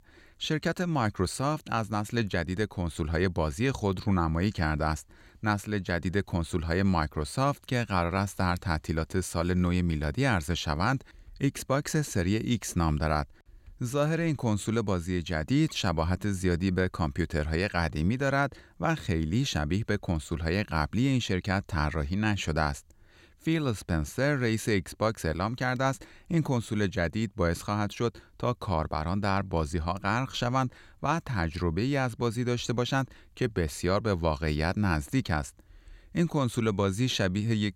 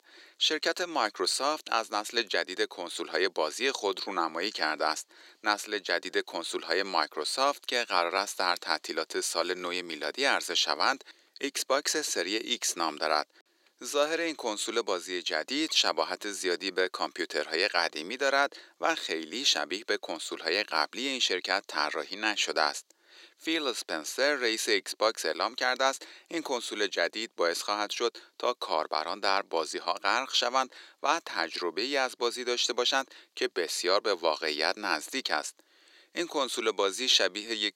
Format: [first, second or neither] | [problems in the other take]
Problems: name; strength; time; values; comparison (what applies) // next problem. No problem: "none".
first | thin; very; fading below 350 Hz